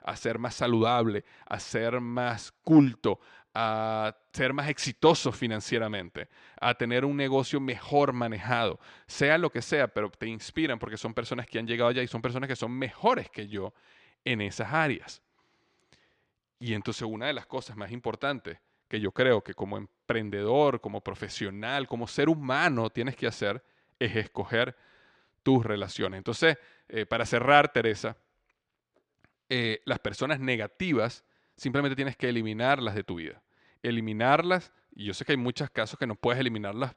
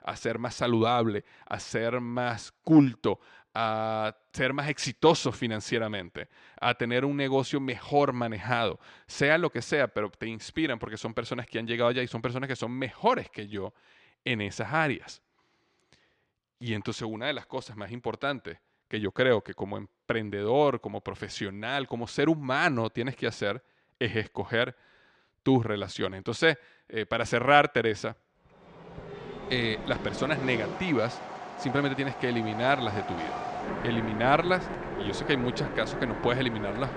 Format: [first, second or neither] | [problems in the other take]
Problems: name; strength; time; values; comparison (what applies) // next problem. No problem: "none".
first | train or aircraft noise; loud; from 29 s on; 8 dB below the speech